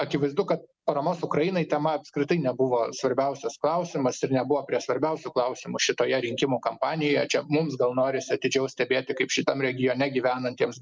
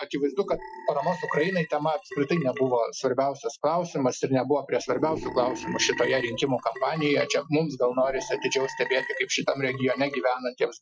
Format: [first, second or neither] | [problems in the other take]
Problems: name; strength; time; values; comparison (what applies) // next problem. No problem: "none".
first | noise reduction (classical method Wiener filter)